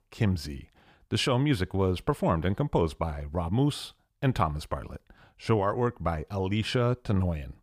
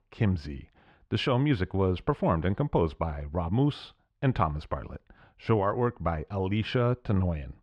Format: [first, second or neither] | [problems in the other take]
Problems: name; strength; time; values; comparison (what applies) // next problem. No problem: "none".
first | muffled; slightly; fading above 3 kHz